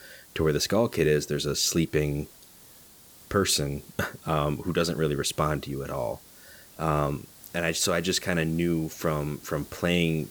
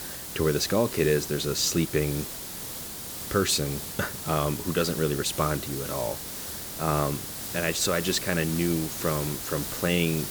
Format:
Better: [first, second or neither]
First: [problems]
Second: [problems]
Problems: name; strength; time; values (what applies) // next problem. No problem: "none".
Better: first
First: hiss; faint; throughout; 20 dB below the speech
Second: hiss; loud; throughout; 6 dB below the speech